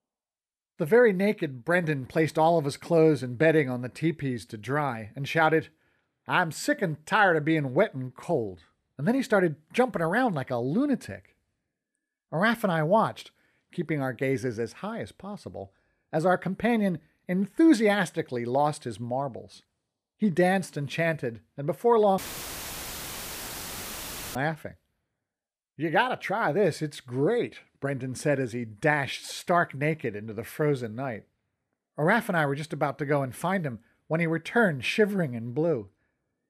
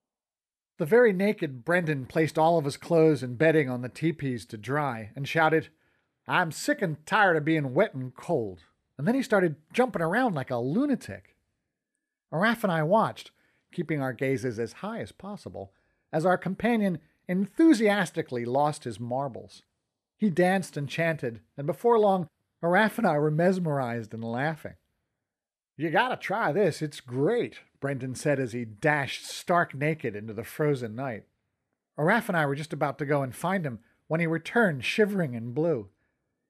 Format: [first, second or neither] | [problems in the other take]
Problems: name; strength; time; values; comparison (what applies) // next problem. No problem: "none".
second | audio cutting out; filled with static; at 22 s for 2 s